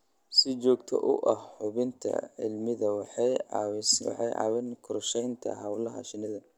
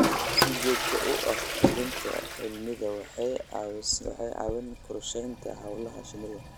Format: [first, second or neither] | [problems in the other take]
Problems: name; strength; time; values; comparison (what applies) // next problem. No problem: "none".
first | background sound (Toilet flush); 1 dB above the speech